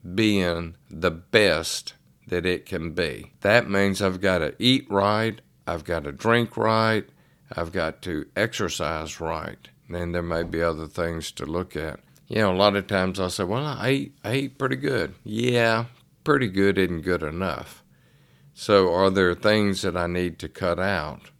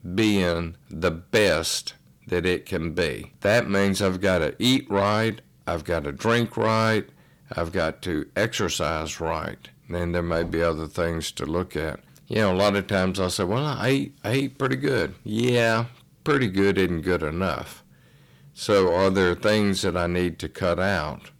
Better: first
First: none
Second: distortion; slight; 10 dB below the speech

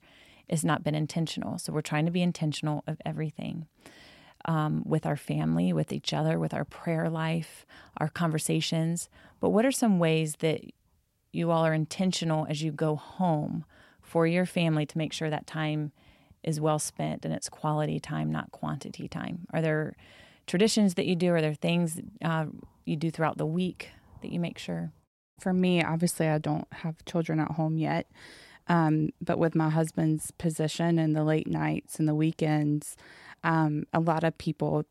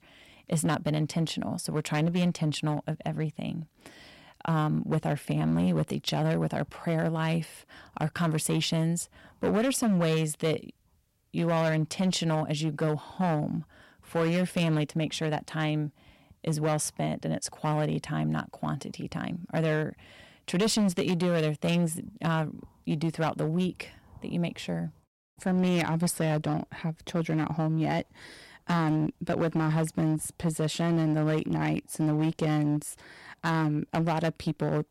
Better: first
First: none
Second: distortion; slight; 8% of the sound clipped

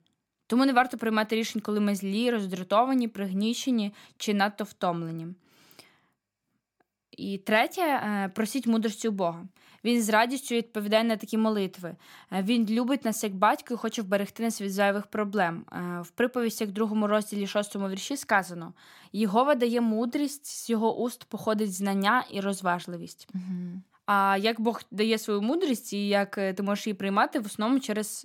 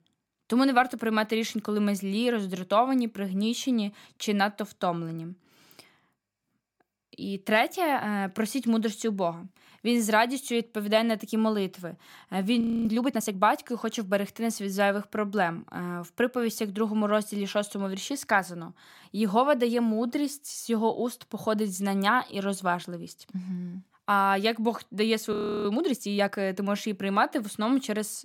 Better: first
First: none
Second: audio freezing; at 13 s and at 25 s

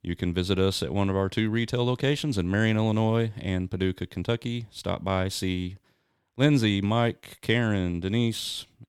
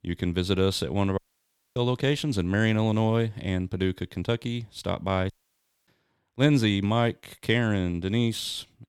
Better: first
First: none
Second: audio cutting out; at 1 s for 0.5 s and at 5.5 s for 0.5 s

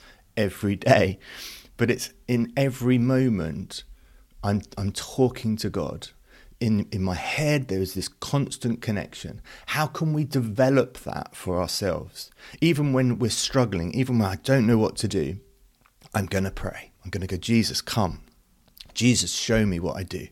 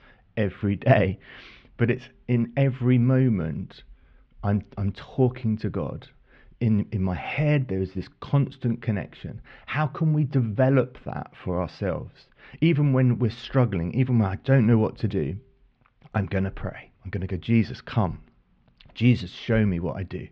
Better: first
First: none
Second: muffled; very; fading above 3 kHz

